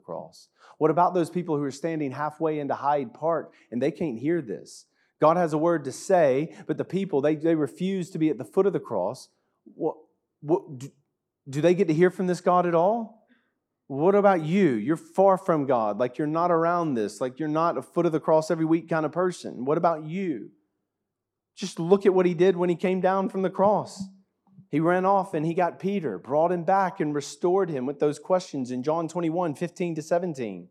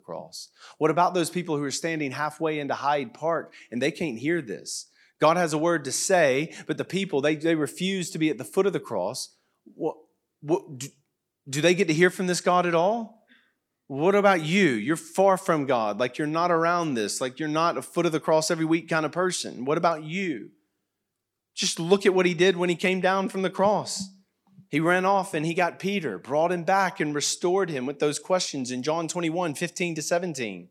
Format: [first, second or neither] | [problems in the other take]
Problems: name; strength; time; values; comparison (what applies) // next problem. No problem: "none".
second | muffled; slightly; fading above 1 kHz